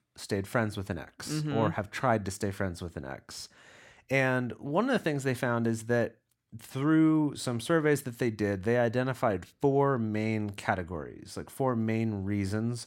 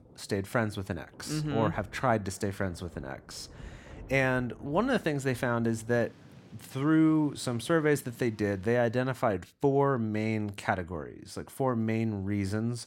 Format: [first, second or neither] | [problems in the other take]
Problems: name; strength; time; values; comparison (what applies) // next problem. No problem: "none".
first | rain or running water; faint; until 9 s; 25 dB below the speech